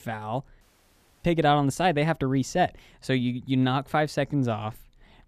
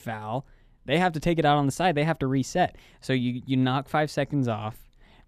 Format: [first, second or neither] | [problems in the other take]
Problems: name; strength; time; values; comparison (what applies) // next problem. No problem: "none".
second | audio cutting out; at 0.5 s for 0.5 s